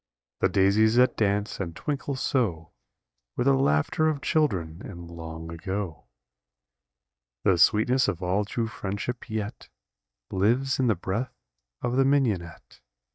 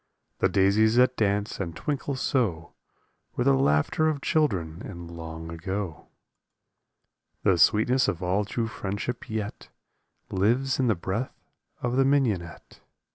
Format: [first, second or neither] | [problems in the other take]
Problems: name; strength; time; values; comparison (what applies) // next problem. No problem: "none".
second | noise reduction (neural mask model DeepFilterNet 3)